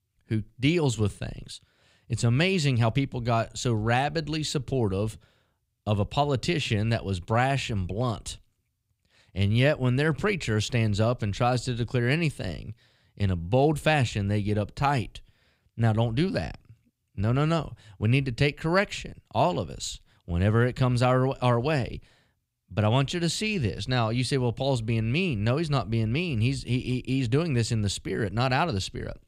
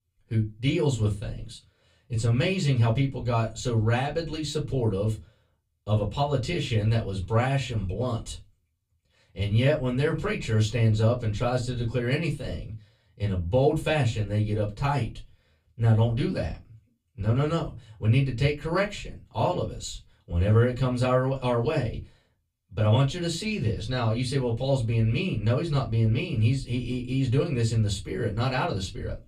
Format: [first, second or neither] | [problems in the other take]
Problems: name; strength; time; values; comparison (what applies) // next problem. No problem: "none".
first | off-mic speech; far // room echo; very slight; dies away in 0.2 s